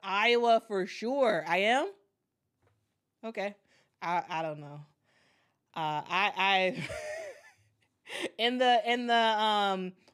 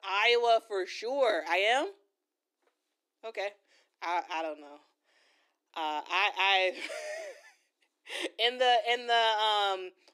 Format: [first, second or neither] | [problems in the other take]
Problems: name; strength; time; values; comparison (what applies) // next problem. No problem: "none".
first | thin; very; fading below 300 Hz